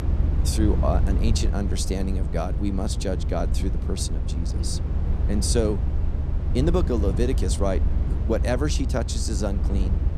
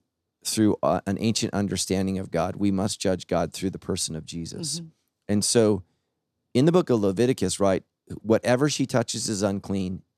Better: second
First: low rumble; loud; throughout; 9 dB below the speech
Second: none

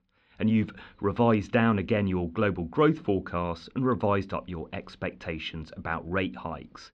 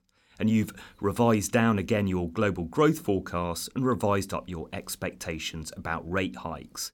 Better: second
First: muffled; slightly; fading above 3.5 kHz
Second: none

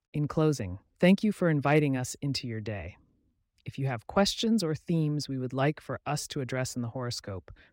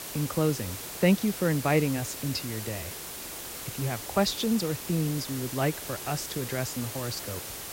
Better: first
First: none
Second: hiss; loud; throughout; 7 dB below the speech

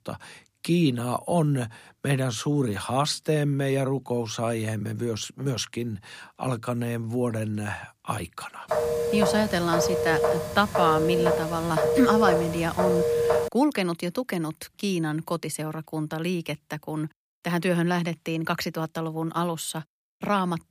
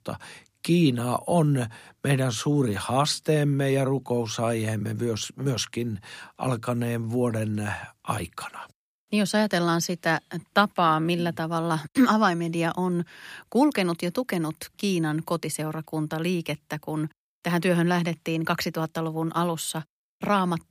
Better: second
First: phone ringing; loud; from 8.5 to 13 s; peak 4 dB above the speech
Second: none

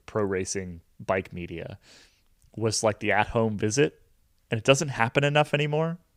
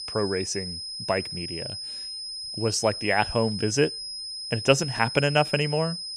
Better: first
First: none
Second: high-pitched whine; loud; throughout; 5 kHz, 7 dB below the speech

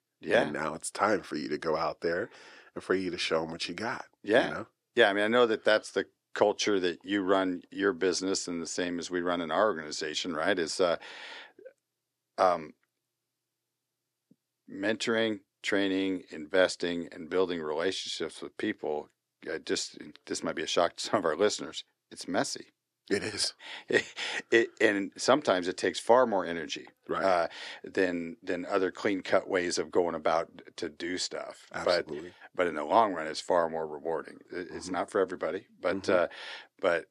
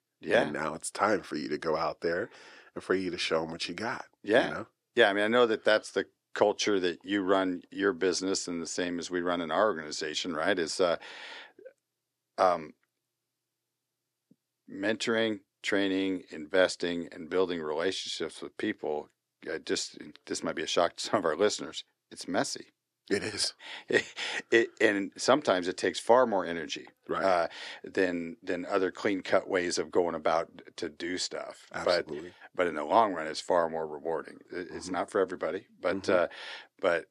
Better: neither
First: thin; somewhat; fading below 400 Hz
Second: thin; somewhat; fading below 400 Hz

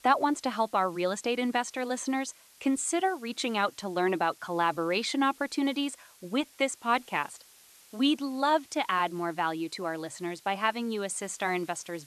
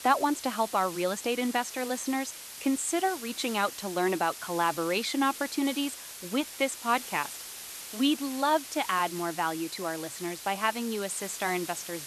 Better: first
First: hiss; faint; throughout; 25 dB below the speech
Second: hiss; loud; throughout; 10 dB below the speech

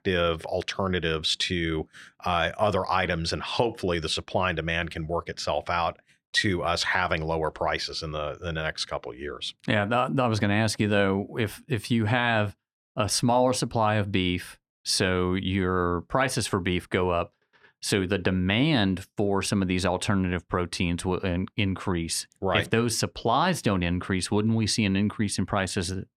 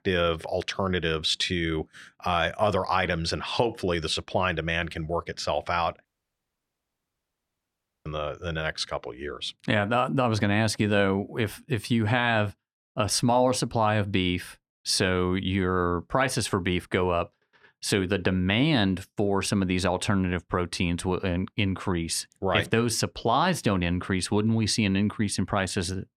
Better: first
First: none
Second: audio cutting out; at 6 s for 2 s

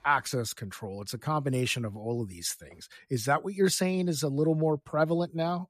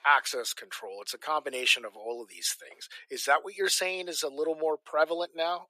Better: first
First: none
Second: thin; very; fading below 450 Hz

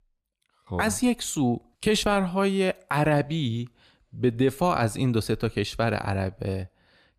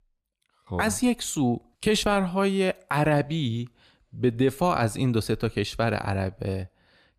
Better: neither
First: none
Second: none

